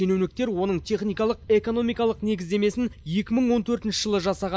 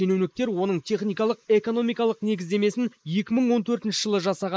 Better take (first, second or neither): first